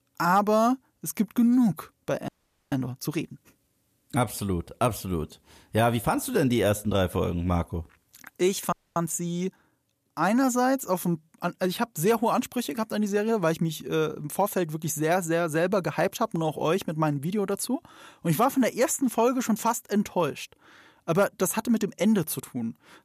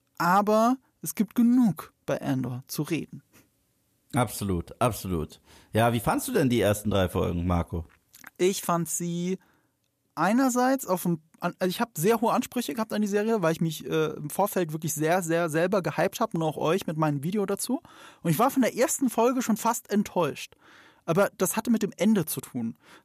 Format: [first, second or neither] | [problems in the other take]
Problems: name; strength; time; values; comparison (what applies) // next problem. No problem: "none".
second | audio freezing; at 2.5 s and at 8.5 s